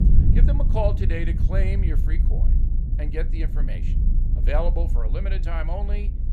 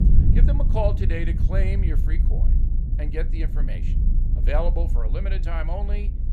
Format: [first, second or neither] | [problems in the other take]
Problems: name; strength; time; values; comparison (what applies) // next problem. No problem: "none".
neither | low rumble; loud; throughout; 7 dB below the speech; the same in both